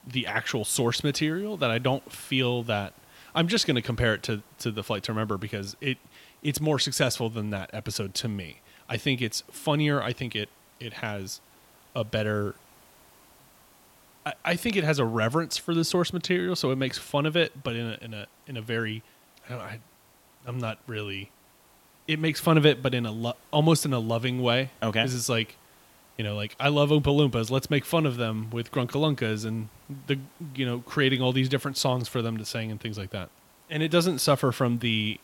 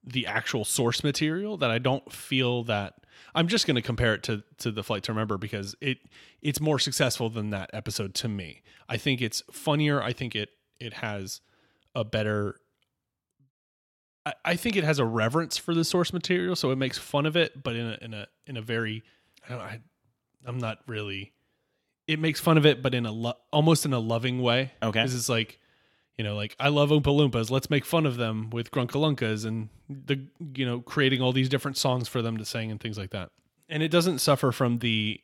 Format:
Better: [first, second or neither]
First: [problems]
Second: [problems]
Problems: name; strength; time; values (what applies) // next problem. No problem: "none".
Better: second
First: hiss; faint; throughout; 30 dB below the speech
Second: none